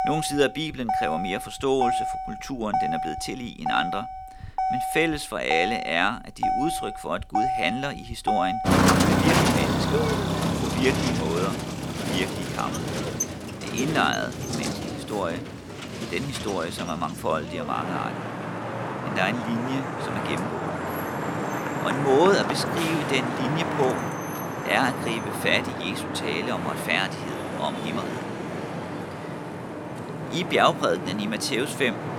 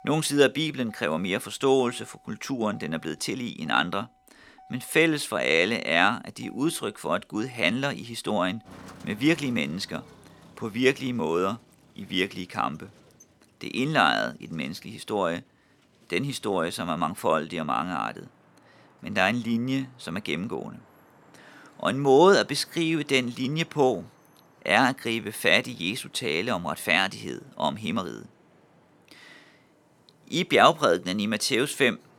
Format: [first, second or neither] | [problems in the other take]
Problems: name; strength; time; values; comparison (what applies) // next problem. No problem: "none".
second | traffic noise; loud; throughout; 1 dB below the speech; faint in the second